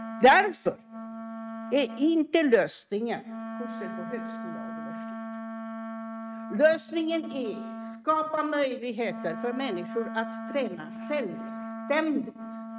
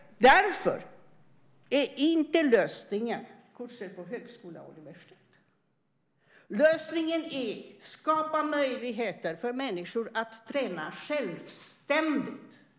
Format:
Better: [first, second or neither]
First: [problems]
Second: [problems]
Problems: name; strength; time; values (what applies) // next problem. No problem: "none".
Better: second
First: noise reduction (neural mask model RNNoise)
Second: none